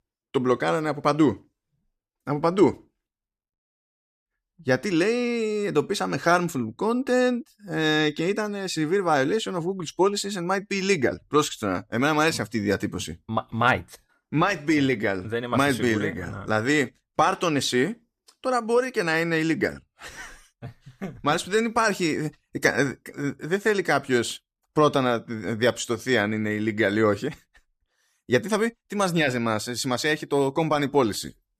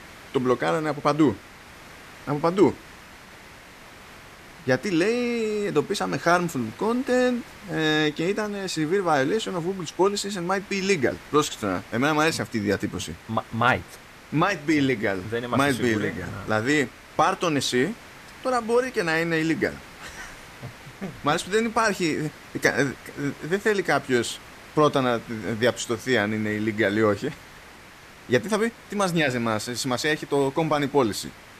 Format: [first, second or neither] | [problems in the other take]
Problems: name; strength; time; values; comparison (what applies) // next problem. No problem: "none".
first | hiss; noticeable; throughout; 20 dB below the speech